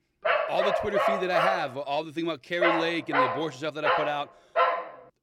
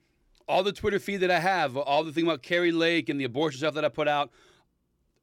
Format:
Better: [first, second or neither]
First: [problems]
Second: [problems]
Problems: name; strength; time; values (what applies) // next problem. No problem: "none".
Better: second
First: dog barking; loud; peak 5 dB above the speech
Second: none